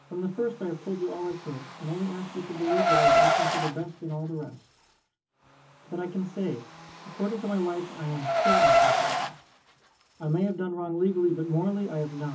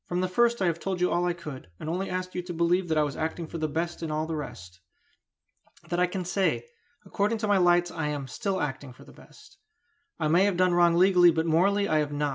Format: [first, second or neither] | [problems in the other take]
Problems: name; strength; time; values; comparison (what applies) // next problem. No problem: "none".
second | background sound (Car); 2 dB above the speech // room echo; dies away in 0.3 s